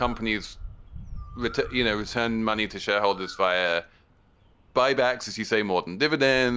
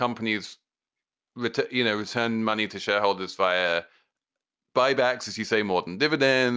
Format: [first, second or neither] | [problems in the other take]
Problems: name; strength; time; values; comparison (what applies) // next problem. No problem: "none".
second | background sound (Bird); 17 dB below the speech